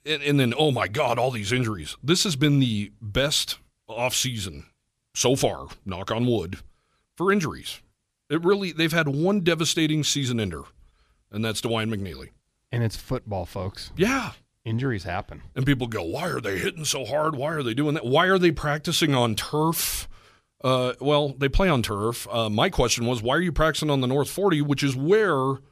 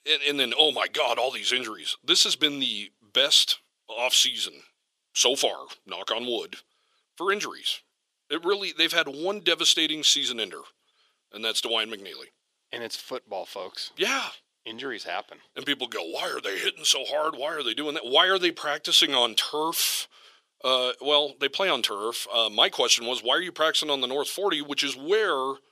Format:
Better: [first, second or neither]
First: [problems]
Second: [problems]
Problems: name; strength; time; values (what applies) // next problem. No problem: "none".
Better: first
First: none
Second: thin; somewhat; fading below 400 Hz